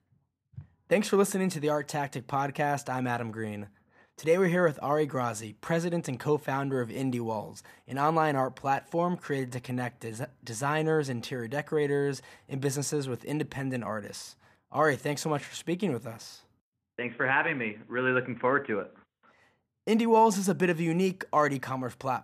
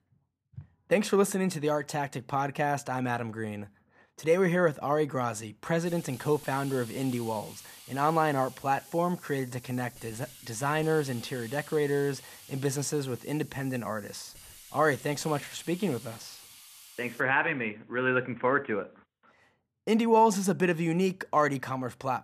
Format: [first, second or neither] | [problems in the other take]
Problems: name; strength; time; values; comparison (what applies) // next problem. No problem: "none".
first | hiss; noticeable; from 6 to 17 s; 20 dB below the speech